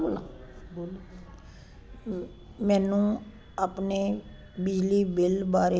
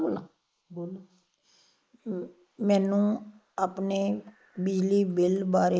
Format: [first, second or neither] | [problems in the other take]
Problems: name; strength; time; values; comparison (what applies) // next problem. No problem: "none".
first | noise reduction (neural mask model Resemble Enhance denoiser)